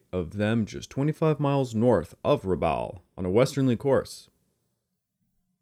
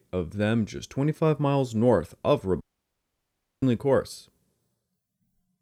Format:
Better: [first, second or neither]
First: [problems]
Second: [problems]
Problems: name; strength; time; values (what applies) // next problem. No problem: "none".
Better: first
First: none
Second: audio cutting out; at 2.5 s for 1 s